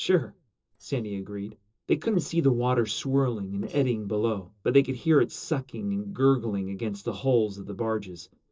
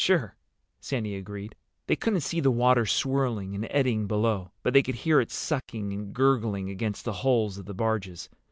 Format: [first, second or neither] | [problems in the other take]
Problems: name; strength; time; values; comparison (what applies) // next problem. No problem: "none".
second | noise reduction (neural separator model SepFormer DNS4)